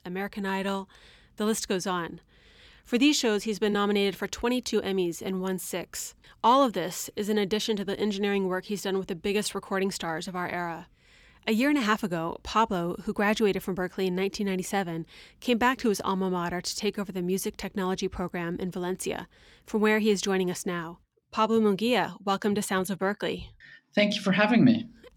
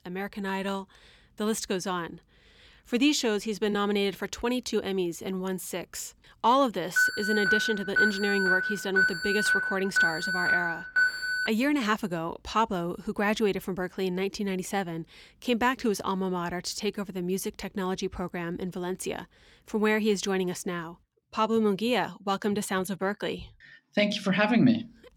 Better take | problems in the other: first | alarm; loud; from 7 to 11 s; peak 4 dB above the speech

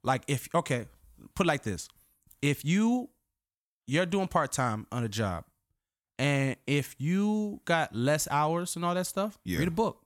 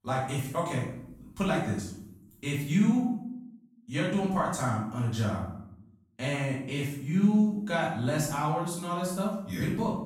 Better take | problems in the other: first | room echo; noticeable; dies away in 0.6 s // off-mic speech; far

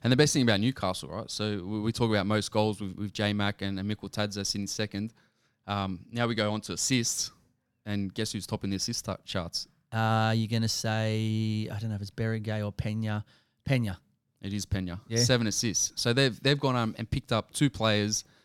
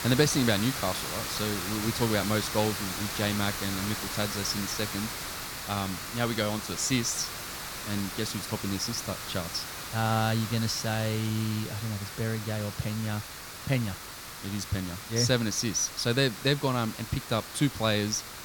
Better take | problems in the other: first | hiss; loud; throughout; 6 dB below the speech

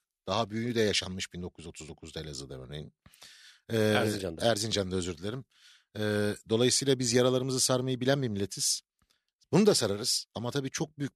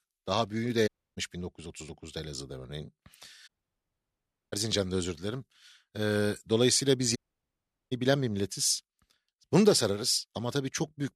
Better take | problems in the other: first | audio cutting out; at 1 s, at 3.5 s for 1 s and at 7 s for 1 s

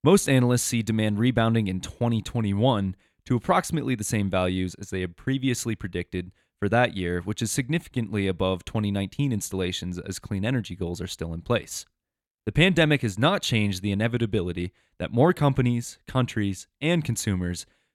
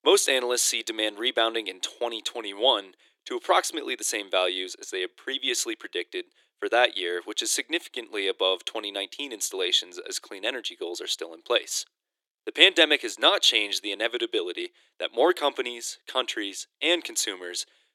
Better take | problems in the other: first | thin; very; fading below 350 Hz

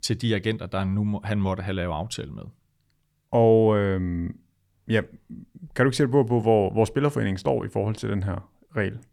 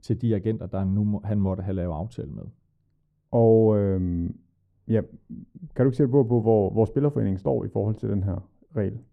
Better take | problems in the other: first | muffled; very; fading above 1 kHz

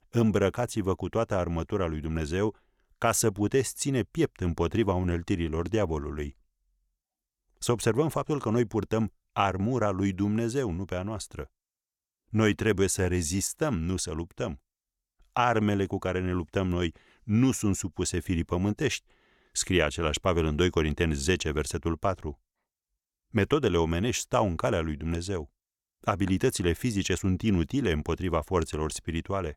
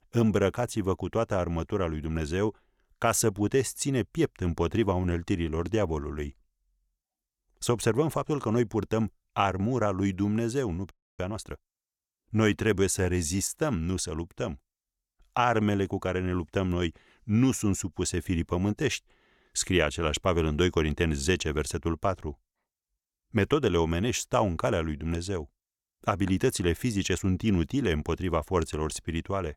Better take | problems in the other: first | audio freezing; at 11 s

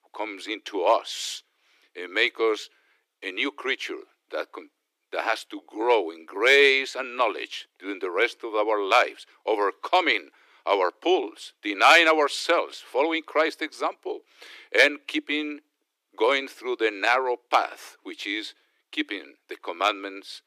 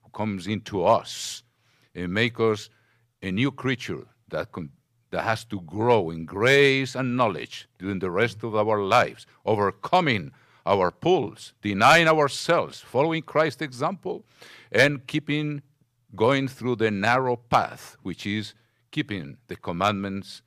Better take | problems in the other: second | thin; somewhat; fading below 300 Hz

